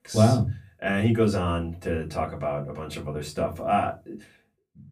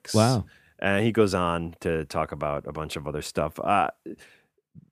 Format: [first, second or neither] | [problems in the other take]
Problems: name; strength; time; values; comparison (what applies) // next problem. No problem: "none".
second | off-mic speech; far // room echo; very slight; dies away in 0.3 s